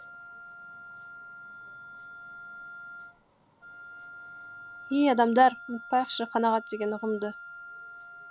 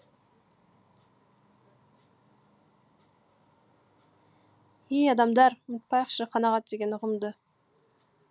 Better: second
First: background sound (Wind instrument, woodwind instrument); 15 dB below the speech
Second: none

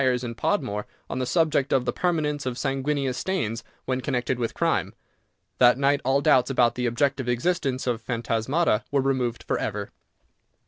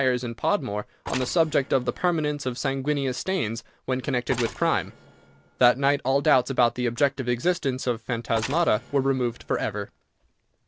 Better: first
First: none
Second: background sound (Mechanisms); 15 dB below the speech

